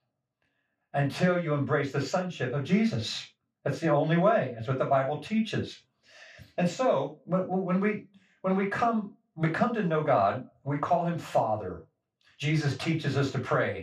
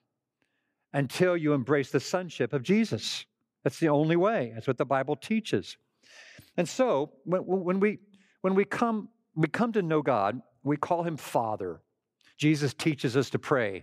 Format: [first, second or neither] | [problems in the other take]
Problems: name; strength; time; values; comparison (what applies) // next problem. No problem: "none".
second | room echo; slight; dies away in 0.2 s // off-mic speech; far